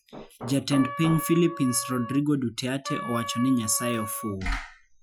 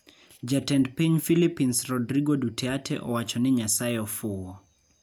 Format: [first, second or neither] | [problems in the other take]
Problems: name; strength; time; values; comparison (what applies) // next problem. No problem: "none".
second | noise reduction (classical method Wiener filter)